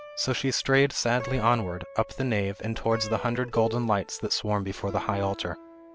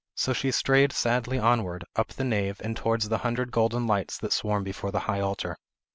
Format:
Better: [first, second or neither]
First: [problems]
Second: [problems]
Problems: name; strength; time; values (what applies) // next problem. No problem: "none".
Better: second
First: background sound (Plucked string instrument); 14 dB below the speech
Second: none